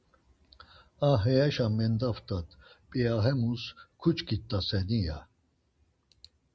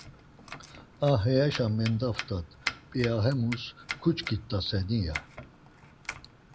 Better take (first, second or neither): first